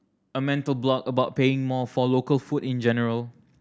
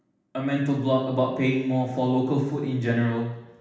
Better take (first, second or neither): first